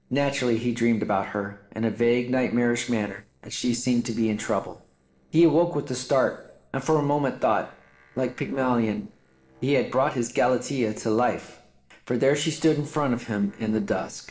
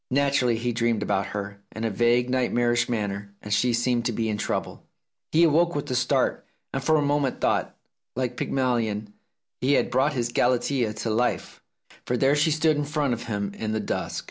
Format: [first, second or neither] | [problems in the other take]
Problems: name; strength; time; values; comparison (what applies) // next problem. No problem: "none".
second | noise reduction (neural separator model SepFormer DNS4)